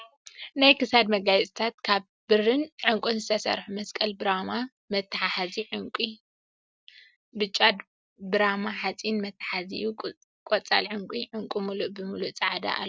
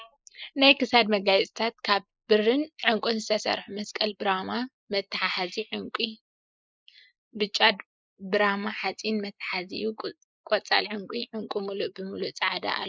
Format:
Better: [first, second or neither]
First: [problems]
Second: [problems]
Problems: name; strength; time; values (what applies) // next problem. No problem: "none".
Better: first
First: none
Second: noise reduction (neural mask model Resemble Enhance denoiser)